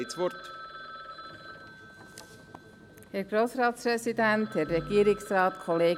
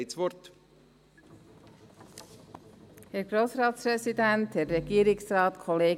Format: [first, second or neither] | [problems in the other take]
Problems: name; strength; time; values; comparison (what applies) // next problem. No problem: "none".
second | background sound (Telephone); 17 dB below the speech